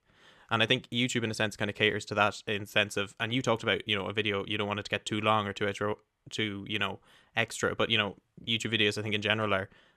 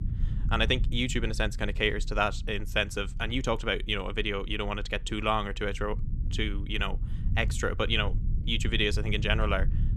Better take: first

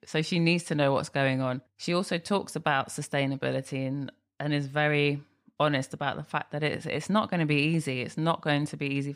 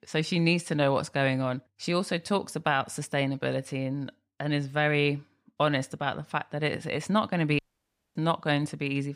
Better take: first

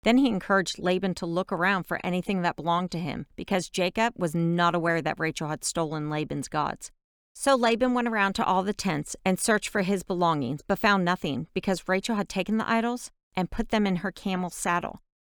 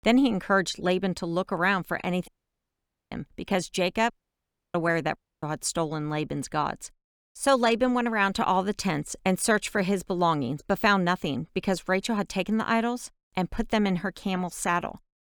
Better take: first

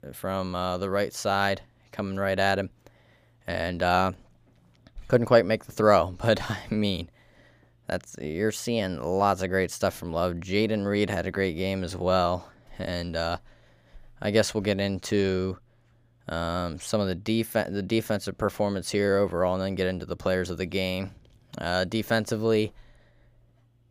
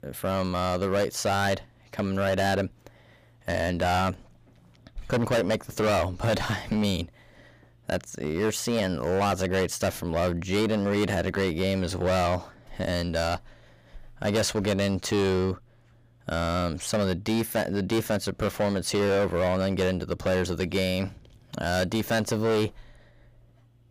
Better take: first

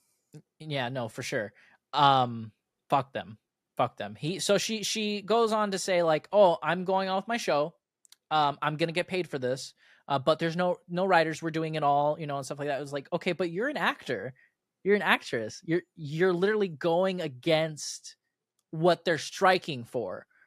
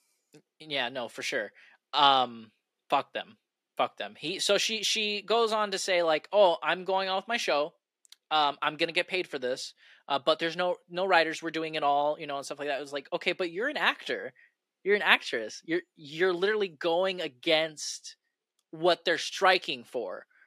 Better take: first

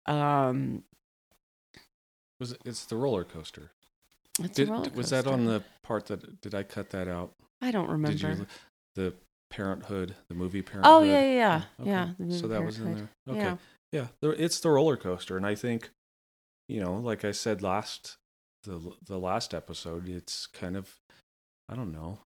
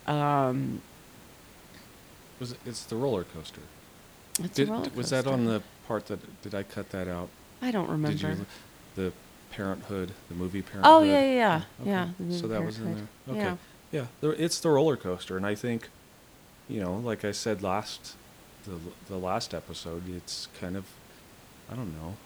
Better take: first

